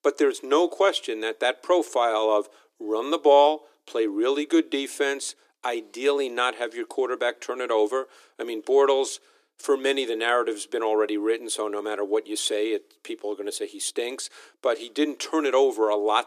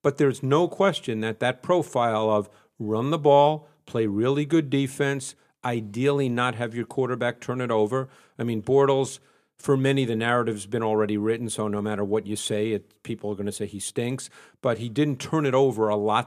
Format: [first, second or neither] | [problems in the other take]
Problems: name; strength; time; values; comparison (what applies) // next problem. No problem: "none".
second | thin; somewhat; fading below 300 Hz